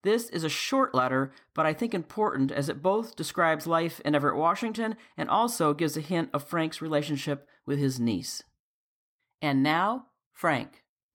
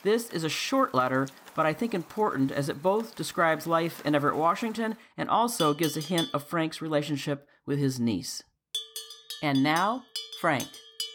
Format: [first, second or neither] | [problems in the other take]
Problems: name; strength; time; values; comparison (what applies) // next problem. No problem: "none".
first | animal sounds; noticeable; throughout; 10 dB below the speech